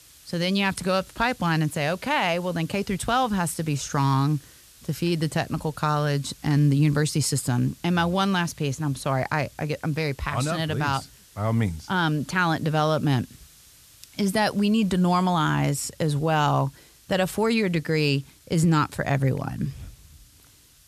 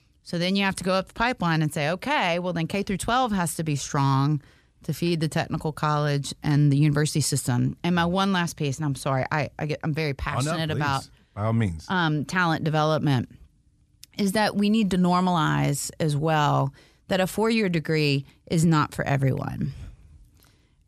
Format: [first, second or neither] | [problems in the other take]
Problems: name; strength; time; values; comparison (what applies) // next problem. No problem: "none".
second | hiss; faint; throughout; 25 dB below the speech